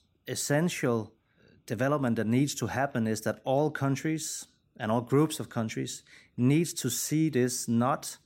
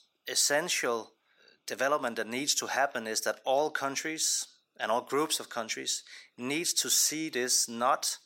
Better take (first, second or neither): first